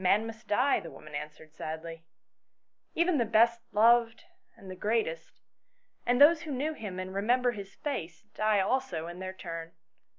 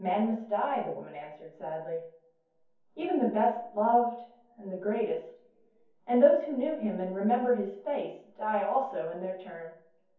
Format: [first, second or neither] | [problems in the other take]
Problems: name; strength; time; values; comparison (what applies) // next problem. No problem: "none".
first | room echo; dies away in 0.6 s